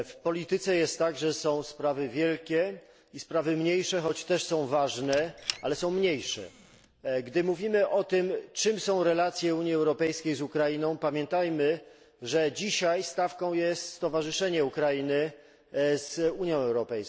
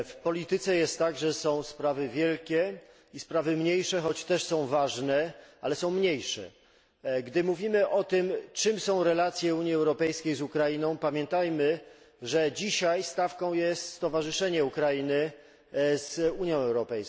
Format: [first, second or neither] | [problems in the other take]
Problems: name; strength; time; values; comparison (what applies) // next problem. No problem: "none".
second | noise reduction (neural separator model SepFormer DNS4)